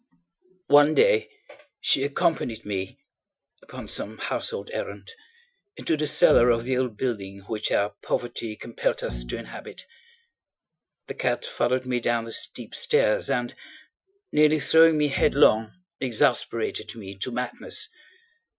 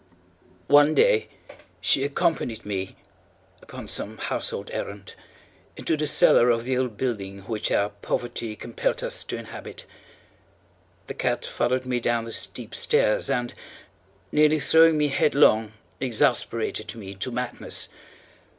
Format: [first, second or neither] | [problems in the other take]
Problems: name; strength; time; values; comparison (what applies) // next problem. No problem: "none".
second | noise reduction (classical method Wiener filter)